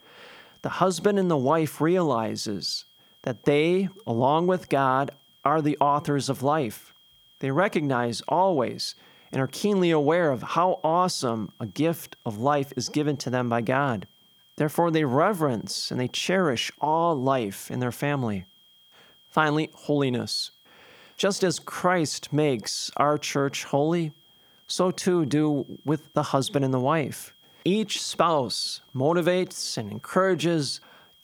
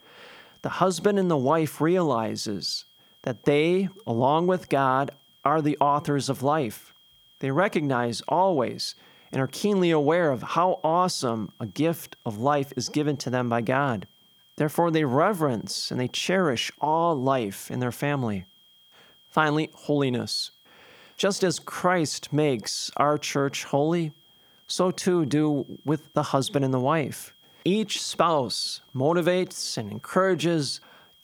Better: neither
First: high-pitched whine; faint; throughout; 3 kHz, 30 dB below the speech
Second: high-pitched whine; faint; throughout; 3 kHz, 30 dB below the speech

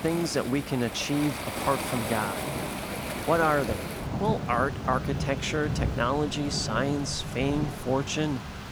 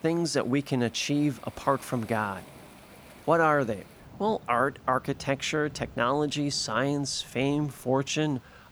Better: second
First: rain or running water; loud; throughout; 4 dB below the speech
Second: rain or running water; faint; throughout; 20 dB below the speech

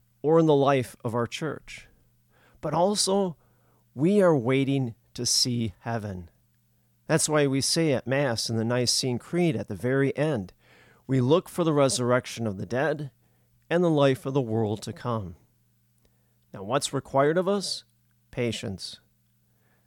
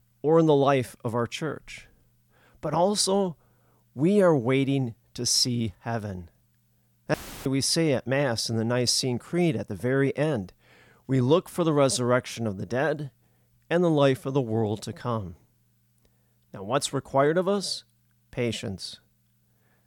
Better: first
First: none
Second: audio cutting out; filled with static; at 7 s

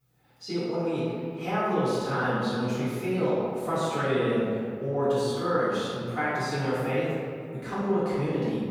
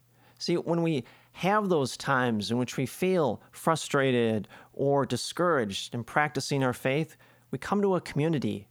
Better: second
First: off-mic speech; far // room echo; strong; dies away in 2 s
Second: none

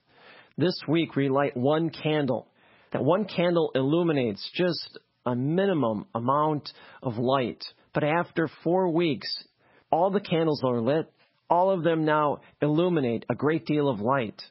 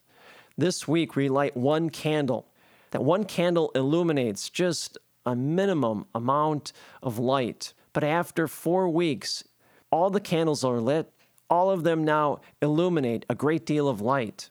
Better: second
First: garbled, watery; badly; nothing above 5.5 kHz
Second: none

